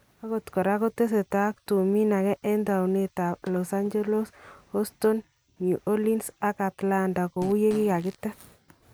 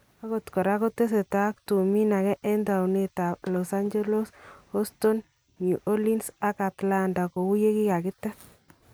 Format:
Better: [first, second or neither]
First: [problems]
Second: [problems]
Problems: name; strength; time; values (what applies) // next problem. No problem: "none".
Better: second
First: background sound (Fart); 17 dB below the speech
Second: none